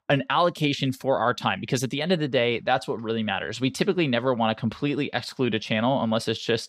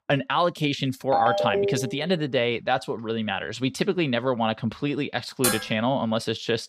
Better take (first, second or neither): first